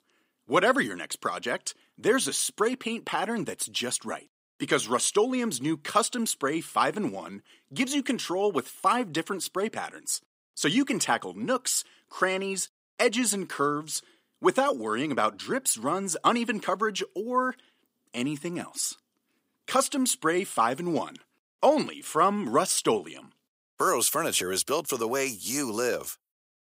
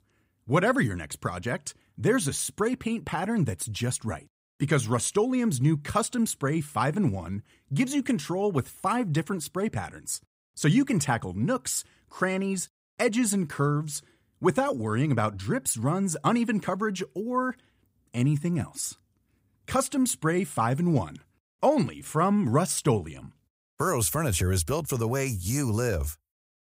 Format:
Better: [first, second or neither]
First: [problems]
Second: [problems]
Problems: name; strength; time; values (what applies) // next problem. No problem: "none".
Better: second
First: thin; somewhat; fading below 300 Hz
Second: none